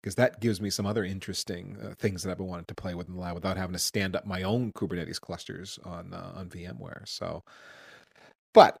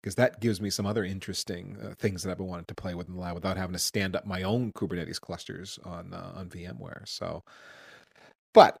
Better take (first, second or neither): neither